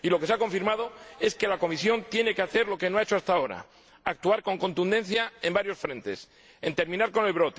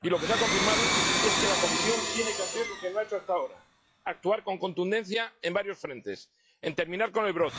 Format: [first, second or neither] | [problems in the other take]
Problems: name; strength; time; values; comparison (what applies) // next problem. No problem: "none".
first | noise reduction (classical method log-MMSE)